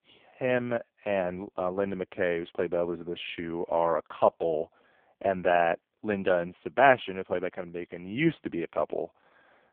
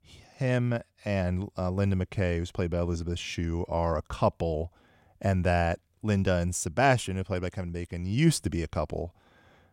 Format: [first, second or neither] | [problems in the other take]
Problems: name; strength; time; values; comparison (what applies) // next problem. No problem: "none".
second | phone-call audio; poor line